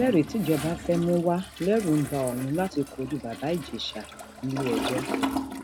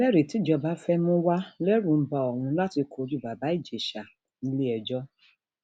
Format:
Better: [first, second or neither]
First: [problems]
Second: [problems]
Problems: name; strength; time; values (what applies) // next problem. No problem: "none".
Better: second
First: background sound (Toilet flush); 7 dB below the speech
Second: none